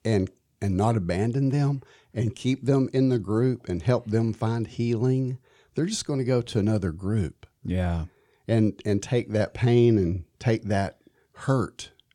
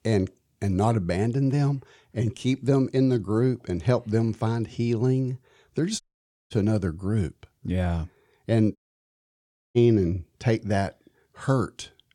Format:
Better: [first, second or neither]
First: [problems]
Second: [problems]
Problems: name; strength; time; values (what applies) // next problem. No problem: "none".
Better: first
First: none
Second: audio cutting out; at 6 s for 0.5 s and at 9 s for 1 s